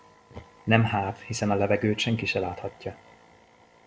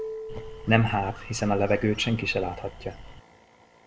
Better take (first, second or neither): first